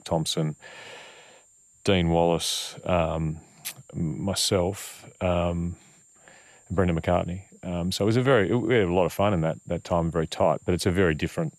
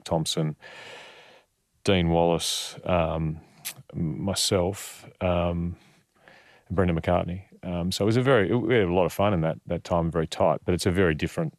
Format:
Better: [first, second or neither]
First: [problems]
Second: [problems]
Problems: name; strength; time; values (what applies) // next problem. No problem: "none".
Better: second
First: high-pitched whine; faint; throughout; 7.5 kHz, 30 dB below the speech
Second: none